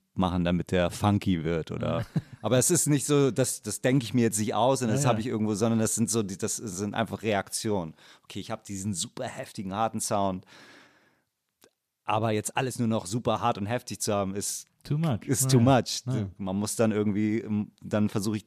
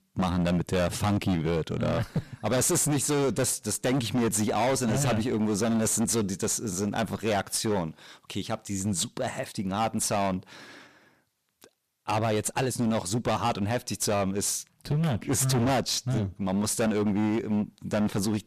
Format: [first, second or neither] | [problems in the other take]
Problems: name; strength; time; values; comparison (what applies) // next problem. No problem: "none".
first | distortion; heavy; 19% of the sound clipped